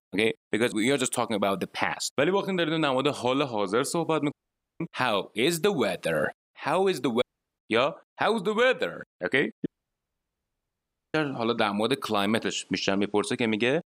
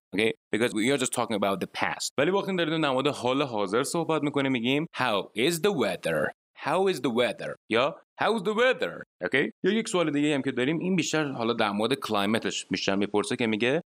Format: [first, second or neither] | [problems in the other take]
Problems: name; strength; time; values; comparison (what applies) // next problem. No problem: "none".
second | audio cutting out; at 4.5 s, at 7 s and at 9.5 s for 1.5 s